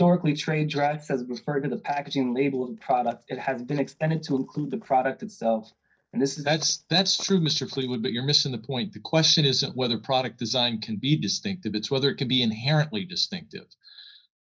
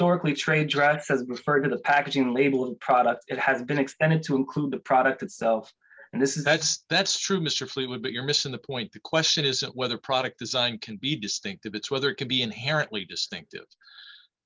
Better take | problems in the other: second | noise reduction (neural mask model DeepFilterNet 3)

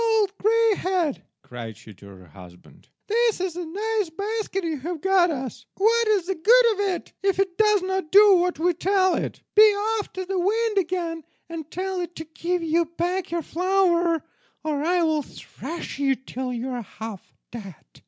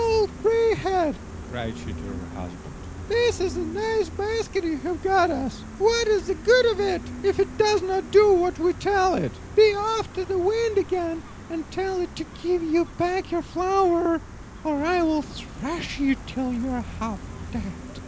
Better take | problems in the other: first | background sound (Gull, seagull); 13 dB below the speech

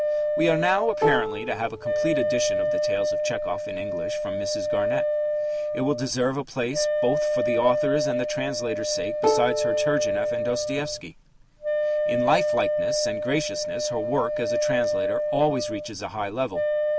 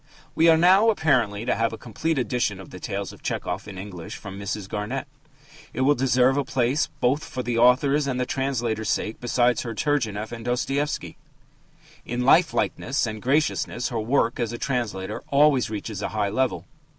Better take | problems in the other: second | background sound (Plucked string instrument + Wind instrument, woodwind instrument); 3 dB above the speech

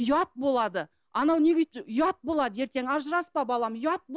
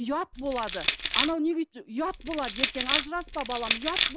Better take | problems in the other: first | background sound (Crushing); 2 dB above the speech

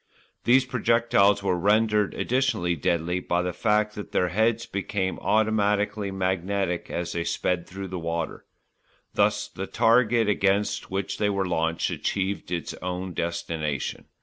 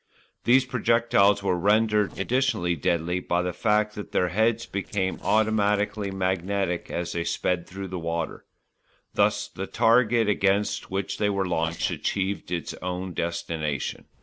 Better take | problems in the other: first | noise reduction (neural separator model SepFormer DNS4)

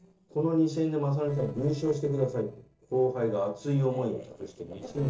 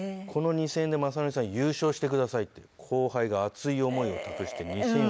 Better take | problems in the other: second | noise reduction (neural separator model SepFormer DNS4)

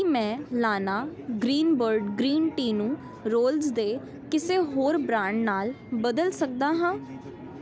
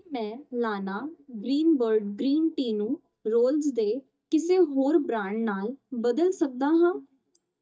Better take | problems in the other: first | noise reduction (neural mask model DeepFilterNet 3)

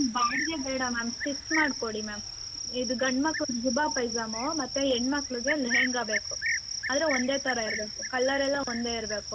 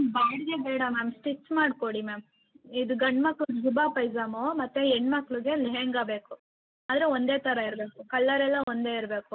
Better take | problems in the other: second | background sound (Cricket); 4 dB below the speech

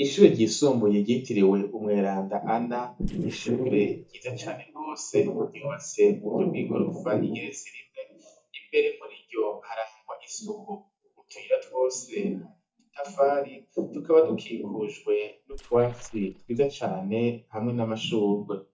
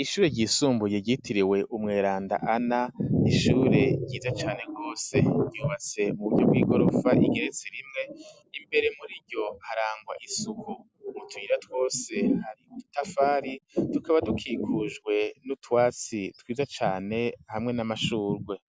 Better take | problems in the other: second | noise reduction (neural mask model DeepFilterNet 3)

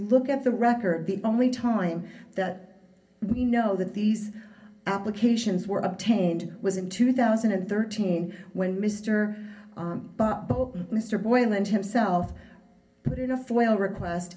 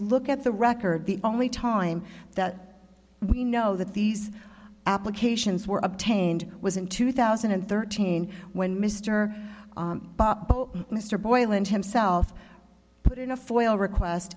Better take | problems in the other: second | room echo; dies away in 0.3 s

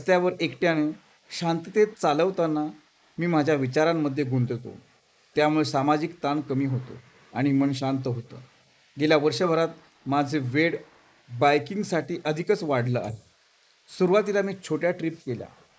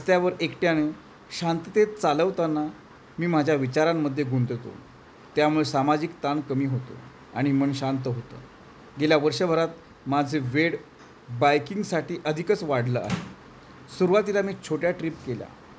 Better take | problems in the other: second | noise reduction (neural mask model Resemble Enhance denoiser)

